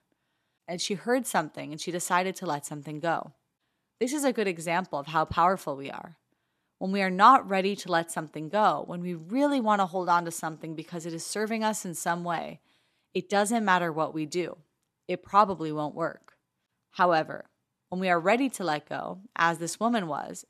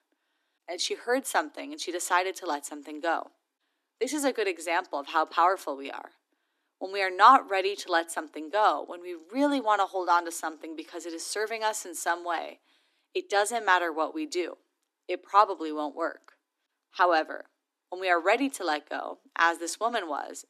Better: first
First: none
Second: thin; very slightly; fading below 250 Hz

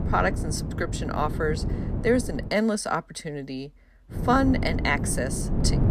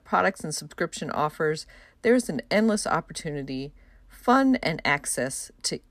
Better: second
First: wind noise on the microphone; occasional gusts; until 2.5 s and from 4 s on; 10 dB below the speech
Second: none

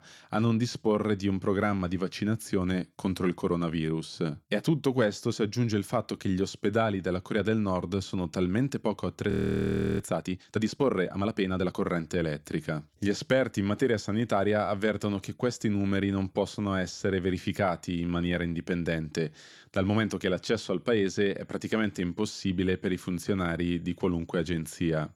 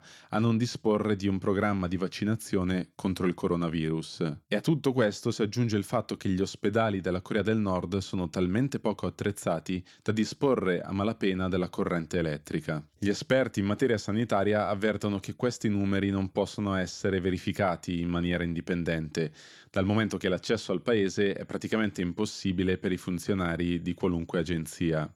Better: second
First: audio freezing; at 9.5 s for 0.5 s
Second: none

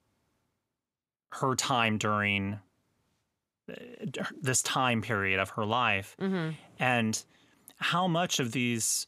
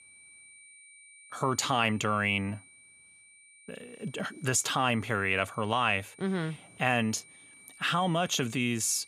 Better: first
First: none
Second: high-pitched whine; faint; throughout; 2.5 kHz, 25 dB below the speech

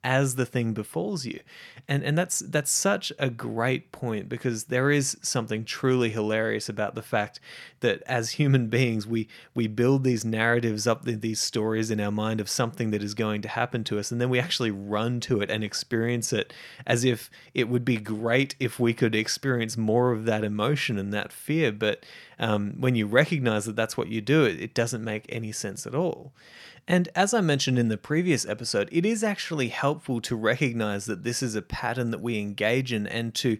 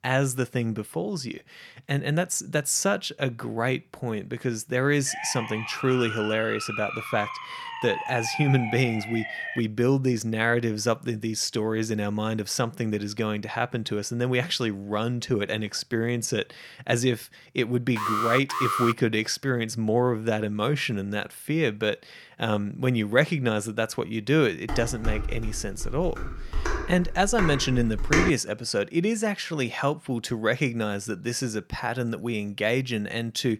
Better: first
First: none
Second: siren; noticeable; from 5 to 9.5 s; peak 4 dB below the speech // alarm; loud; at 18 s; peak 1 dB above the speech // clattering dishes; loud; from 25 to 28 s; peak 3 dB above the speech

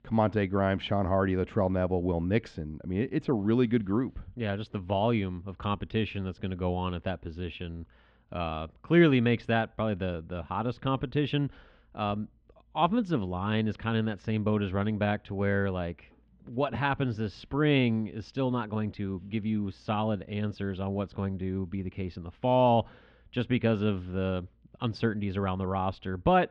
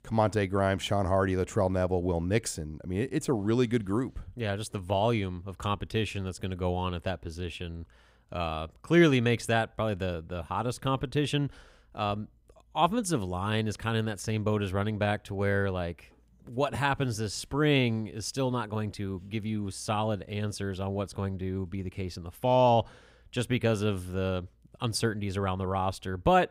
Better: second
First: muffled; slightly; fading above 3.5 kHz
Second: none

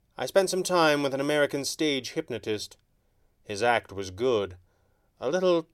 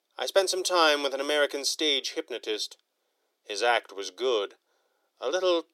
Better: first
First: none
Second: thin; somewhat; fading below 350 Hz

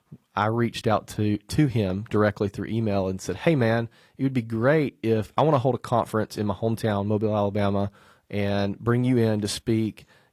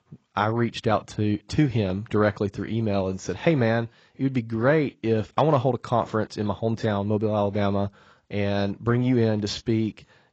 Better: first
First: garbled, watery; slightly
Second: garbled, watery; badly; nothing above 7.5 kHz

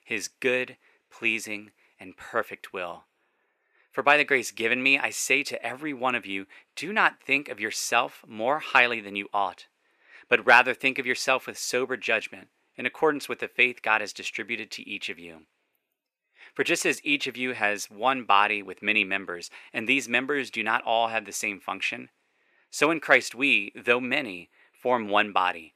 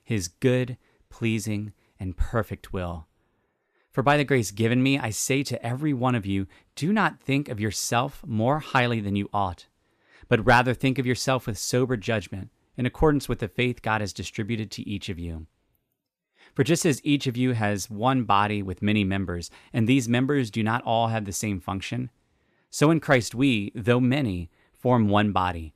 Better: second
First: thin; somewhat; fading below 450 Hz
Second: none

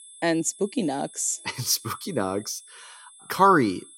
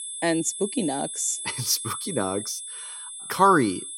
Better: first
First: high-pitched whine; faint; throughout; 10 kHz, 20 dB below the speech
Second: high-pitched whine; loud; throughout; 10 kHz, 8 dB below the speech

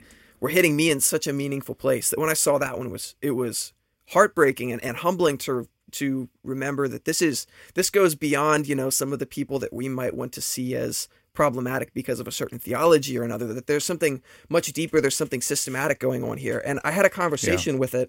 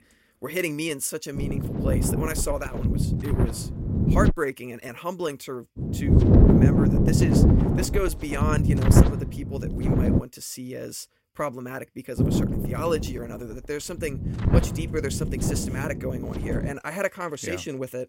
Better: first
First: none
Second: wind noise on the microphone; heavy; from 1.5 to 4.5 s, from 6 to 10 s and from 12 to 17 s; 1 dB above the speech

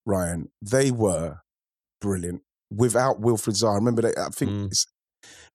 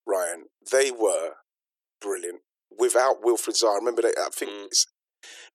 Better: first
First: none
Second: thin; very; fading below 350 Hz

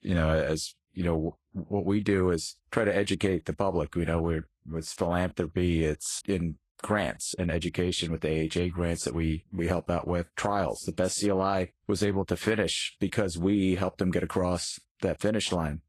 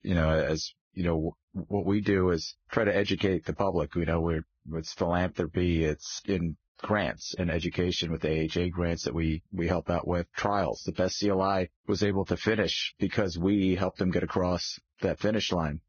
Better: first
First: garbled, watery; slightly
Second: garbled, watery; badly; nothing above 6.5 kHz

